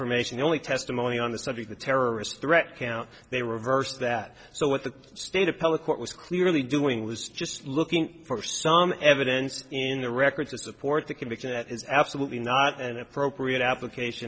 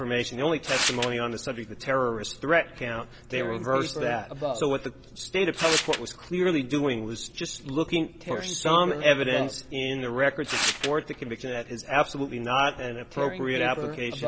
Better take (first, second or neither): first